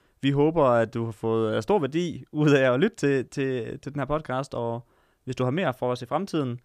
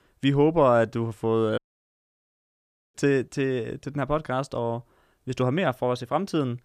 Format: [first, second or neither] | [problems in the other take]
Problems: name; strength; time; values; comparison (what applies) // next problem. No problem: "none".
first | audio cutting out; at 1.5 s for 1.5 s